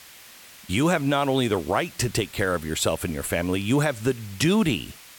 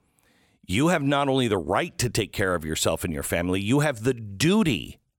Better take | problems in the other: second | hiss; noticeable; throughout; 20 dB below the speech

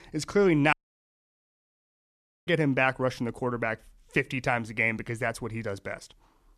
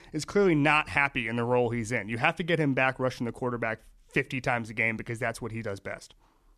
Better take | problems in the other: second | audio cutting out; at 0.5 s for 1.5 s

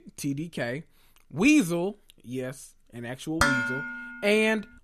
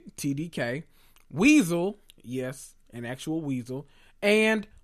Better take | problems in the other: second | clattering dishes; loud; at 3.5 s; peak 3 dB above the speech

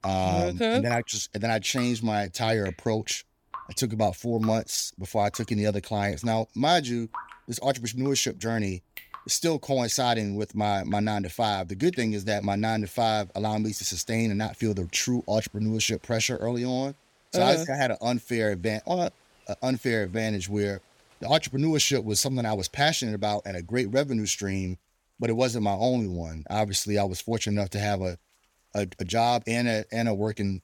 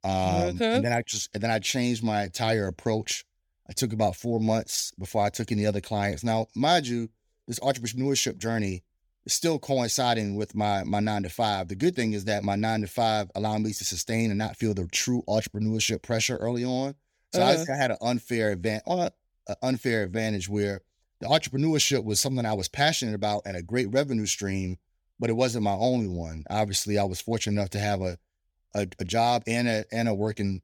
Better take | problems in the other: second | rain or running water; faint; throughout; 25 dB below the speech

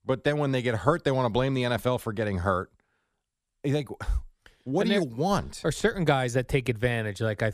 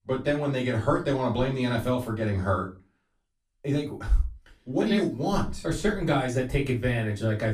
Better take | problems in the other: first | off-mic speech; far // room echo; slight; dies away in 0.2 s

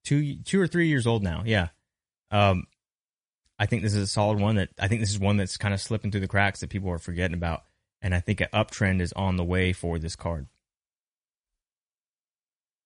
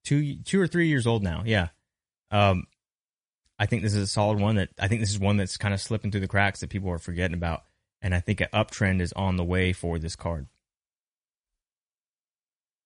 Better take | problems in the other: neither | garbled, watery; slightly; nothing above 10 kHz; the same in both

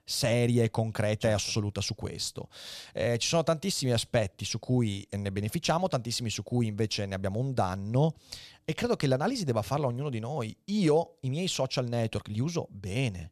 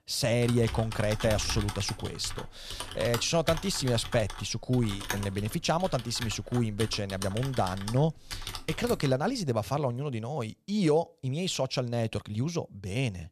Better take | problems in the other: first | keyboard typing; noticeable; until 9.5 s; peak 5 dB below the speech

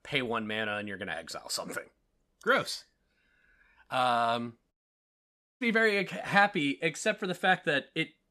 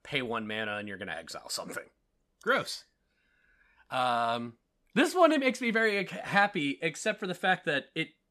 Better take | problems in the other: second | audio cutting out; at 4.5 s for 1 s

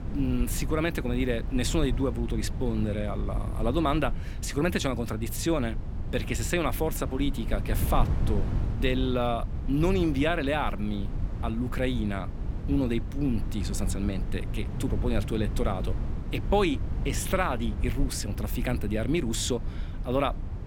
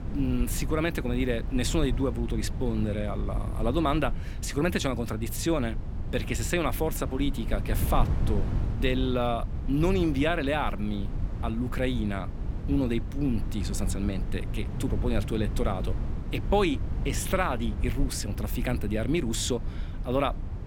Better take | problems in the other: neither | wind noise on the microphone; occasional gusts; 15 dB below the speech; the same in both

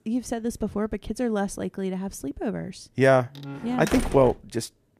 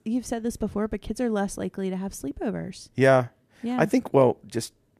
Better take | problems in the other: second | door banging; noticeable; from 3.5 to 4.5 s; peak 5 dB below the speech

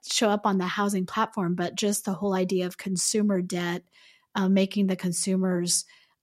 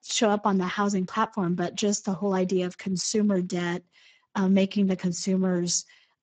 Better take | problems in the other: first | garbled, watery; badly; nothing above 7.5 kHz

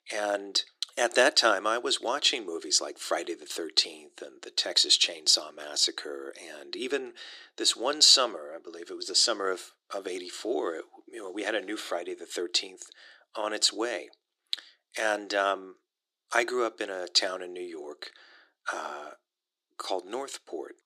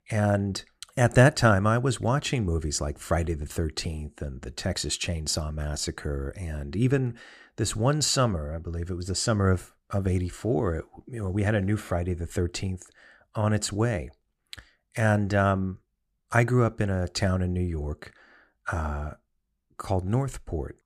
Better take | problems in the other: second | thin; very; fading below 350 Hz

